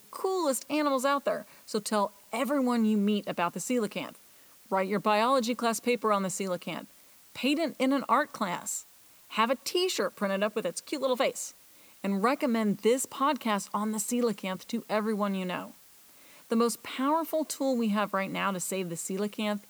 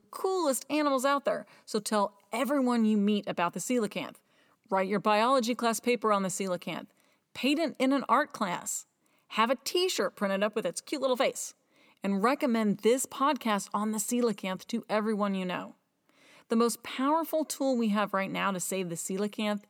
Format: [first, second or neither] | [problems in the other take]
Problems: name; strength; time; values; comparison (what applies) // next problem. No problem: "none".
second | hiss; faint; throughout; 25 dB below the speech